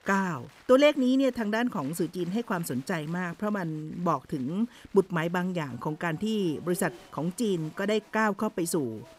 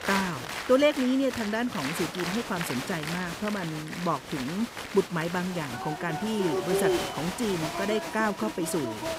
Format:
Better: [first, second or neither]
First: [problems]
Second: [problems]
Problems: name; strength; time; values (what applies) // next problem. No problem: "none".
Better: first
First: crowd noise; faint; throughout; 25 dB below the speech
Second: crowd noise; loud; throughout; 4 dB below the speech